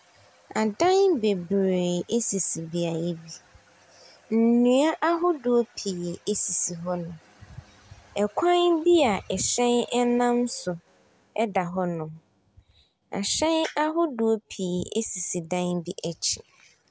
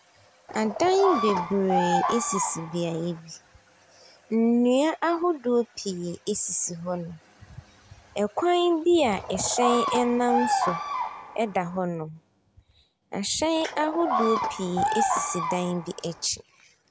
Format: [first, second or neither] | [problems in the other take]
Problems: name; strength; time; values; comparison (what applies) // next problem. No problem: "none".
first | background sound (Bird vocalization, bird call, bird song); 2 dB below the speech